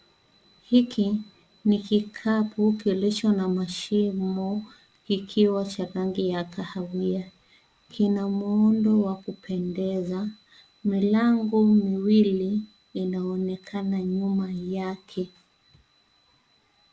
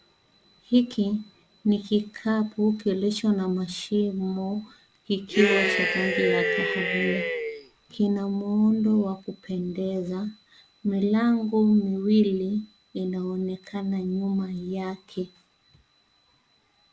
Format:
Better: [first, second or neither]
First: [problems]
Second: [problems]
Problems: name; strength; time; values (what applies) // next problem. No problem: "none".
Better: first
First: none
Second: background sound (Cheering); as loud as the speech